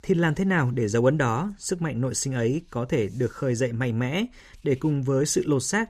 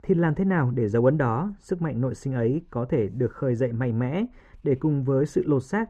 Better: first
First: none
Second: muffled; very; fading above 2.5 kHz

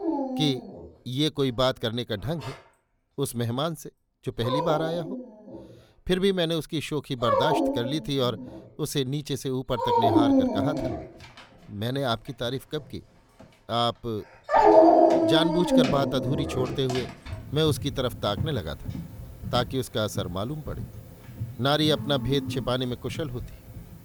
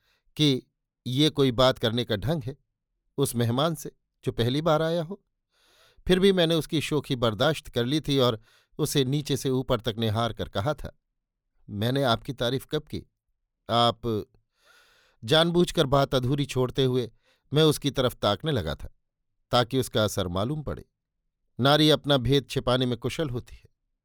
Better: second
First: animal sounds; very loud; throughout; 3 dB above the speech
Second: none

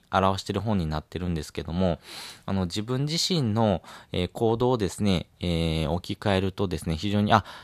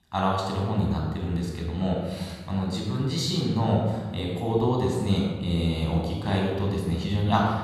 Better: first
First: none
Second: off-mic speech; somewhat distant // room echo; noticeable; dies away in 1.3 s

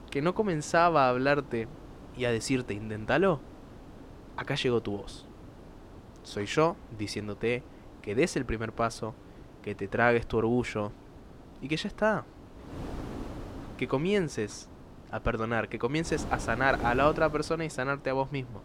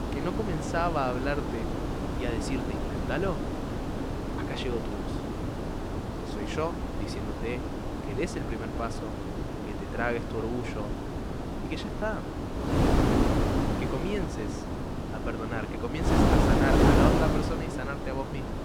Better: first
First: wind noise on the microphone; occasional gusts; 20 dB below the speech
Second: wind noise on the microphone; heavy; 1 dB above the speech

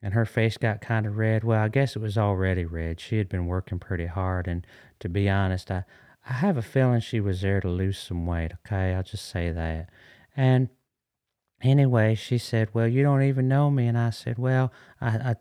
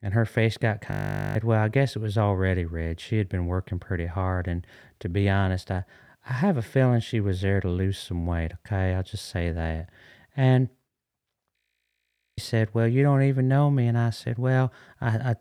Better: first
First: none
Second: audio freezing; at 1 s and at 12 s for 1 s

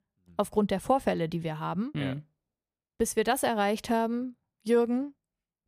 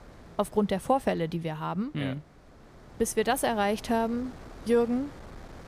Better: first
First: none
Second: wind noise on the microphone; occasional gusts; 20 dB below the speech

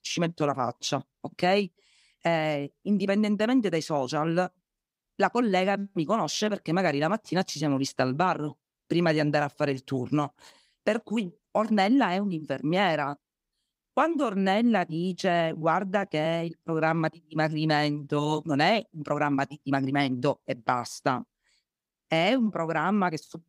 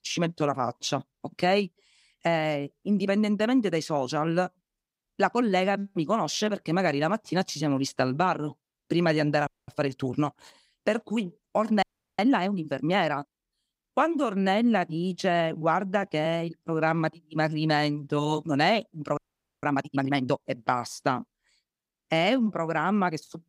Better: first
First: none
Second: audio freezing; at 9.5 s, at 12 s and at 19 s

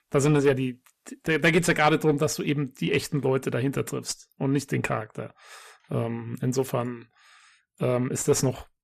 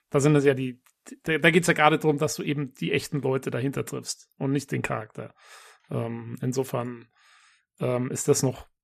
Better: second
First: distortion; slight; 10 dB below the speech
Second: none

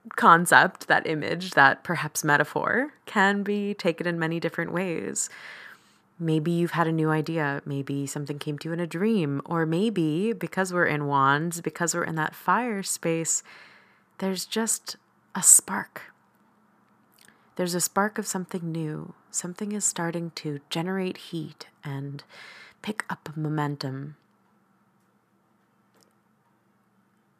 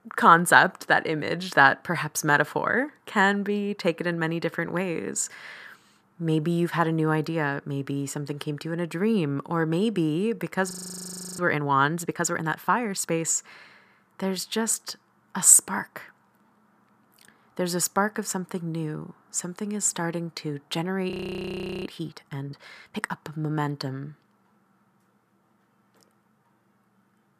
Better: first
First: none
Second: audio freezing; at 11 s for 0.5 s and at 21 s for 0.5 s

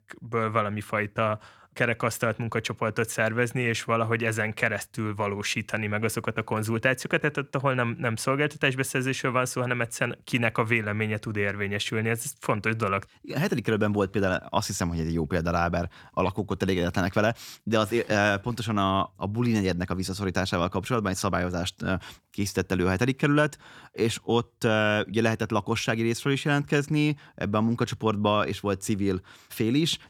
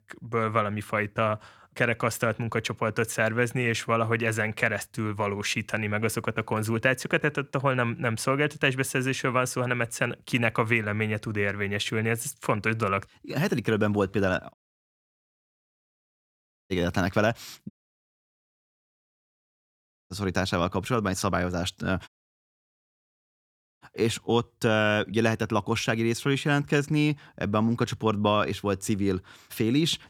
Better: first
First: none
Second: audio cutting out; at 15 s for 2 s, at 18 s for 2.5 s and at 22 s for 1.5 s

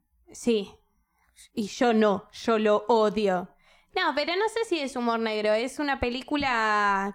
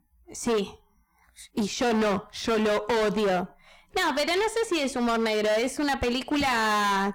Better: first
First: none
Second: distortion; heavy; 22% of the sound clipped

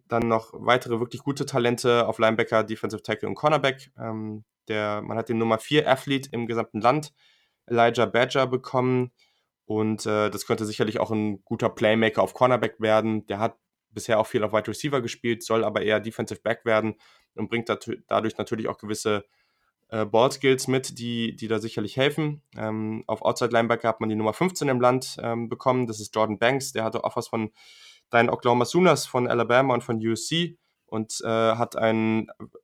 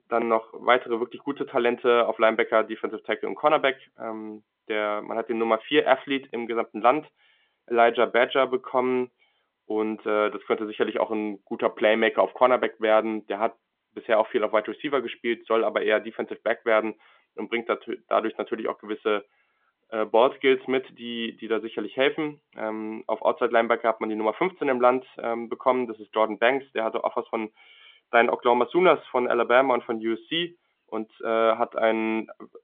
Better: first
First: none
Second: phone-call audio; nothing above 3.5 kHz

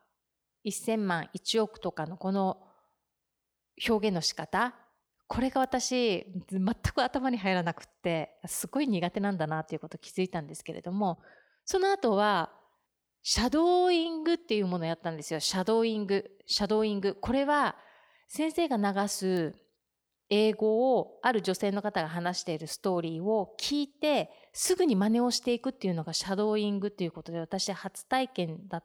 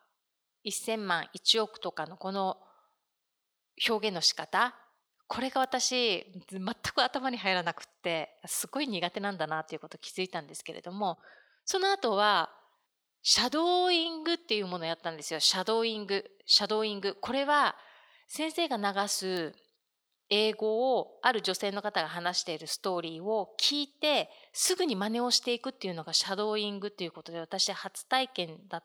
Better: first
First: none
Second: thin; very slightly; fading below 550 Hz

